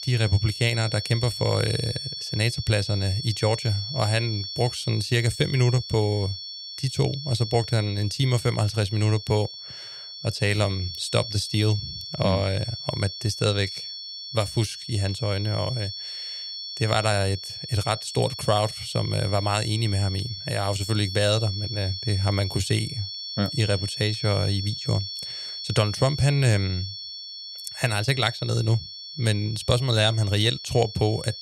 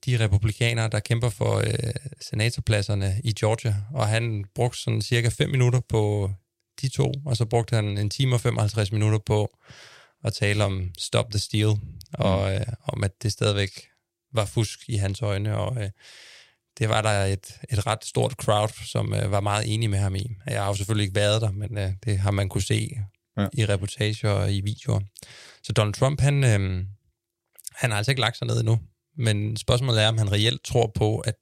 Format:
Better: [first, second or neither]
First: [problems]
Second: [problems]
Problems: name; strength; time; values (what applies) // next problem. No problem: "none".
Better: second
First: high-pitched whine; loud; throughout; 4.5 kHz, 8 dB below the speech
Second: none